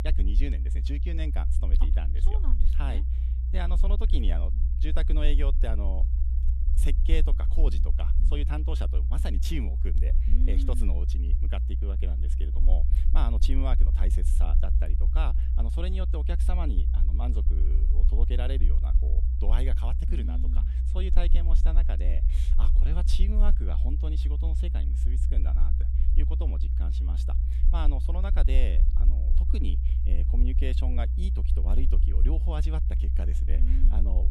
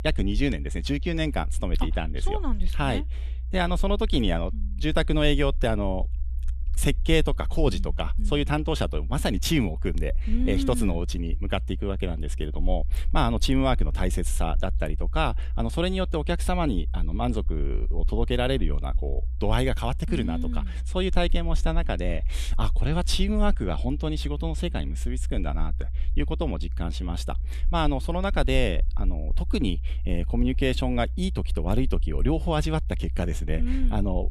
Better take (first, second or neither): second